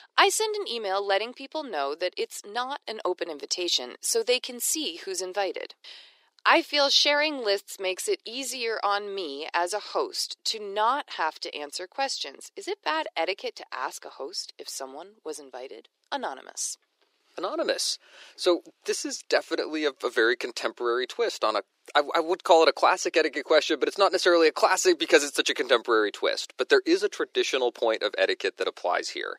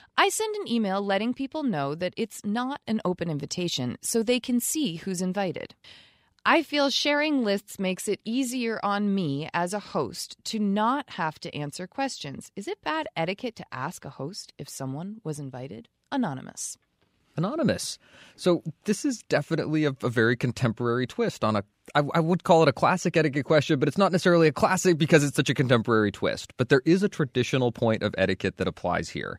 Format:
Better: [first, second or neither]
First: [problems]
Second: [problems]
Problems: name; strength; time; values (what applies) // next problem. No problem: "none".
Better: second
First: thin; very; fading below 350 Hz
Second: none